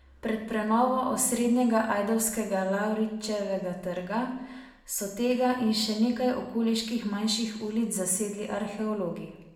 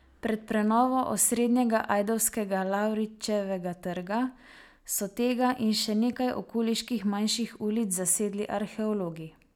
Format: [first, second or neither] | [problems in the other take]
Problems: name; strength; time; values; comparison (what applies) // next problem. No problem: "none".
second | room echo; dies away in 0.8 s